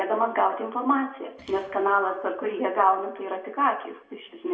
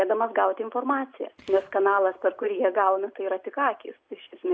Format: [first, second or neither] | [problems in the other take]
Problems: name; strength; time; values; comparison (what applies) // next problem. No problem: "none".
second | room echo; dies away in 0.7 s